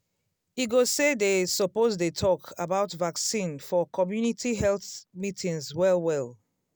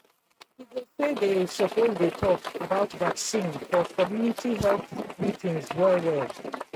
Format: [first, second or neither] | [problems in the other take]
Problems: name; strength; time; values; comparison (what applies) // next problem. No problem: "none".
first | noise reduction (neural mask model RNNoise)